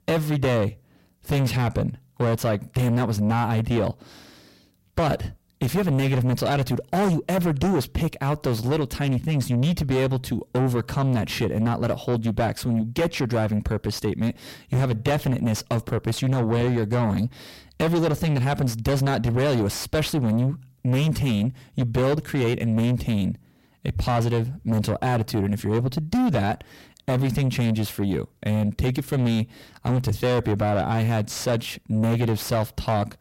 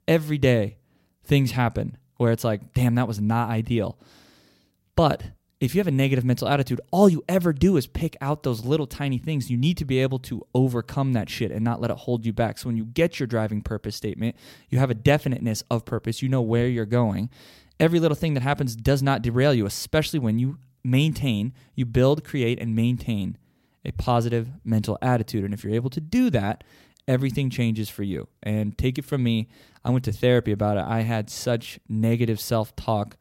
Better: second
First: distortion; heavy; 6 dB below the speech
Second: none

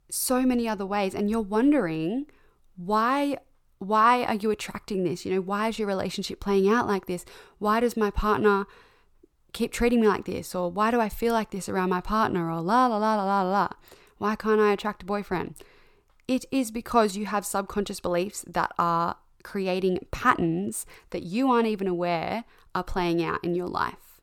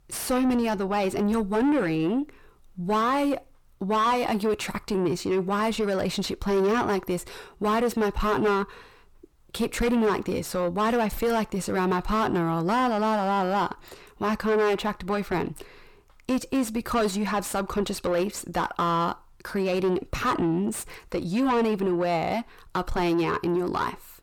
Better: first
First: none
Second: distortion; heavy; 7 dB below the speech

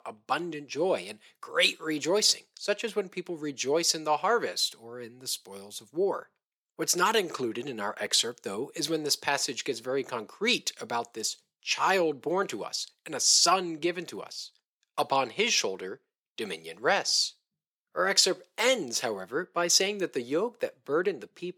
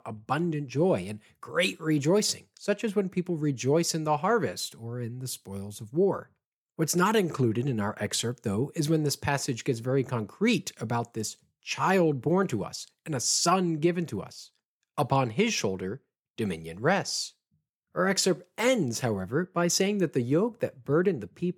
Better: second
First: thin; somewhat; fading below 400 Hz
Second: none

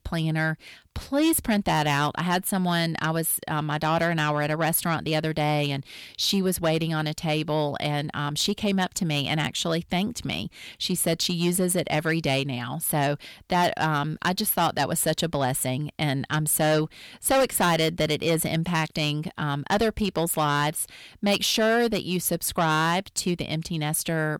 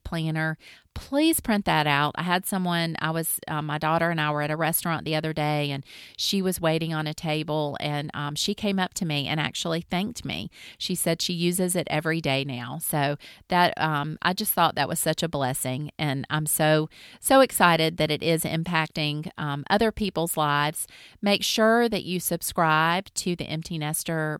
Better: second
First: distortion; slight; 10 dB below the speech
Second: none

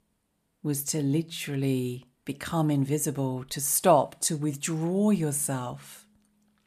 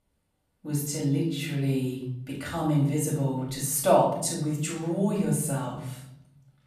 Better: first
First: none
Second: off-mic speech; far // room echo; noticeable; dies away in 0.8 s

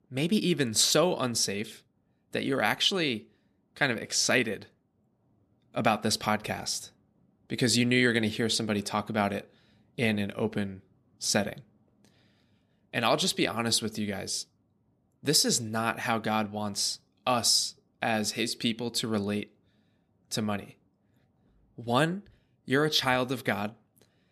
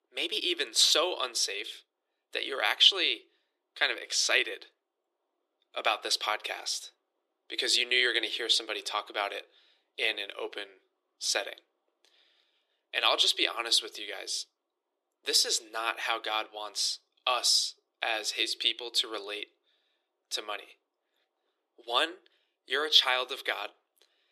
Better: first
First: none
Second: thin; very; fading below 350 Hz

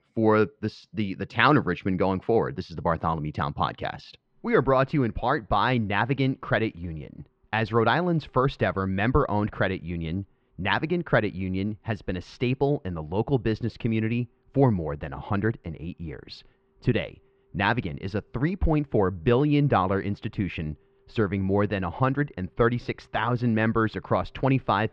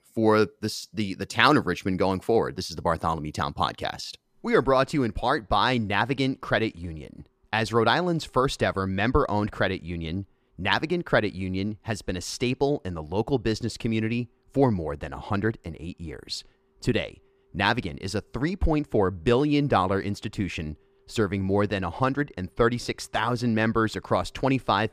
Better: second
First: muffled; slightly; fading above 3 kHz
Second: none

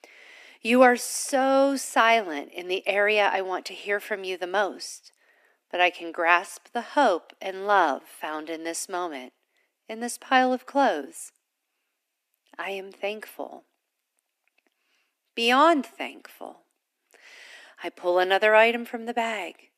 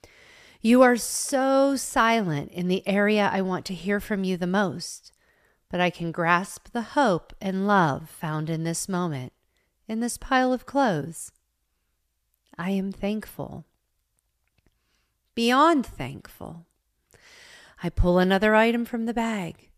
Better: second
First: thin; somewhat; fading below 250 Hz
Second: none

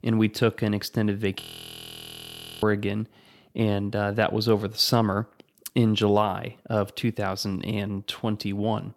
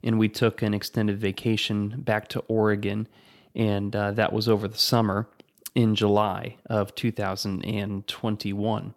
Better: second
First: audio freezing; at 1.5 s for 1 s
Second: none

